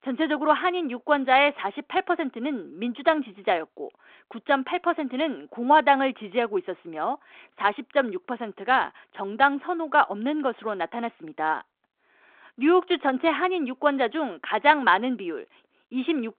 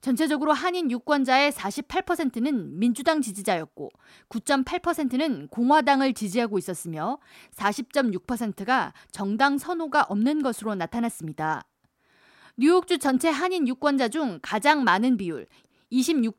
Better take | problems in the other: second | phone-call audio

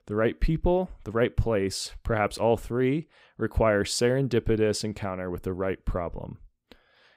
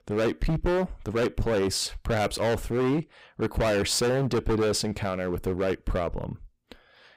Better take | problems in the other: first | distortion; heavy; 19% of the sound clipped

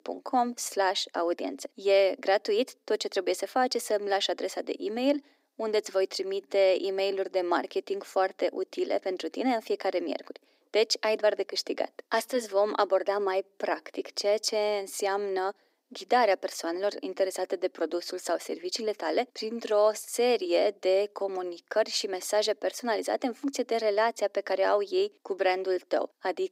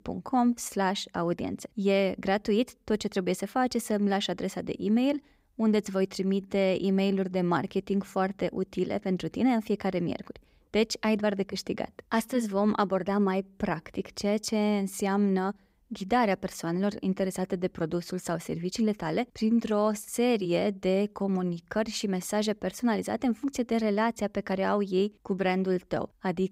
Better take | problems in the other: second | thin; very; fading below 250 Hz

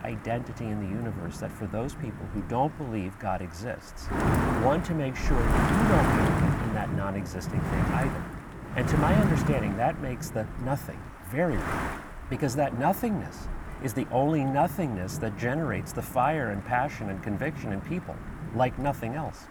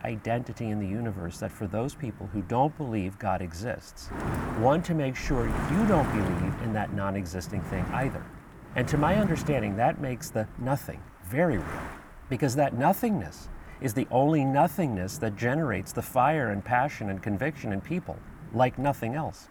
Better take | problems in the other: second | wind noise on the microphone; heavy; 4 dB below the speech; occasional gusts in the second

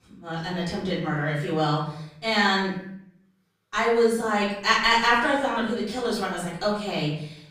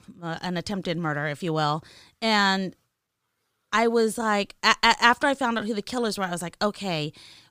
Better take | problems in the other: second | off-mic speech; far // room echo; noticeable; dies away in 0.7 s

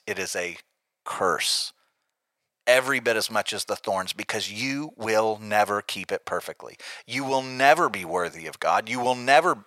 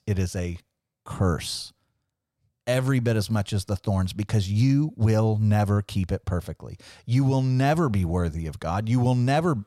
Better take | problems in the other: second | thin; very; fading below 650 Hz

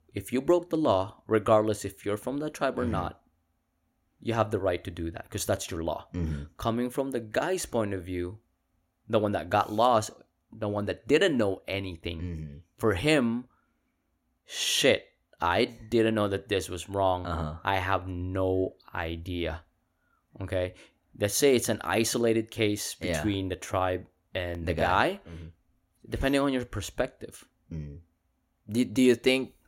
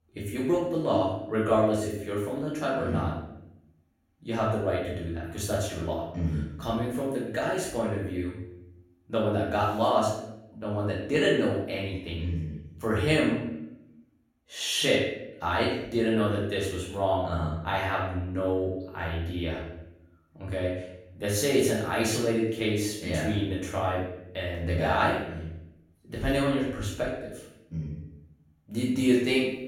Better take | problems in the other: first | off-mic speech; far // room echo; noticeable; dies away in 0.7 s

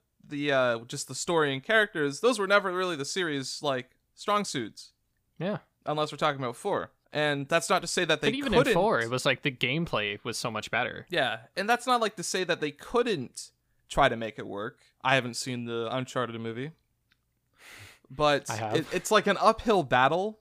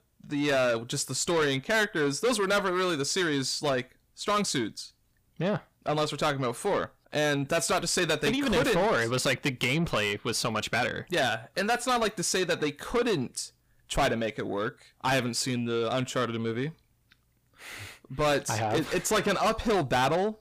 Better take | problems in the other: first | distortion; heavy; 6 dB below the speech

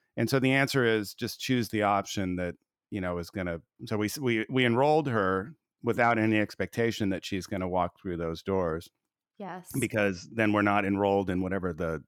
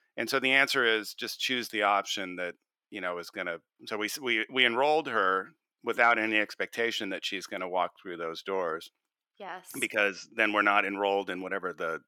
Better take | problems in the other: first | thin; somewhat; fading below 400 Hz

